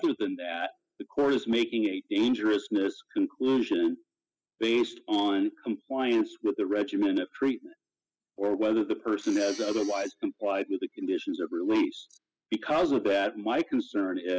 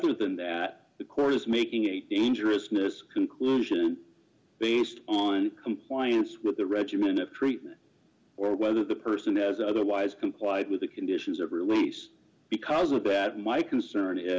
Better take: second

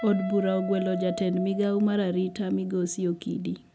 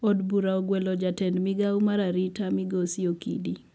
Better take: second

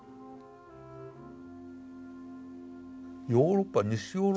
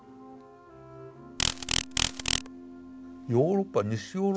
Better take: first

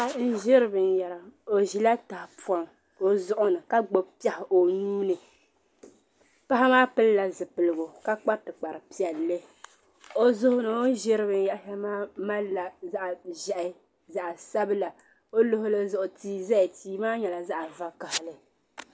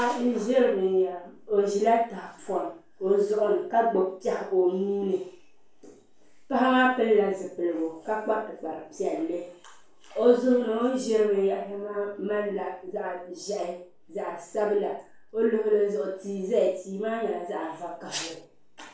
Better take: first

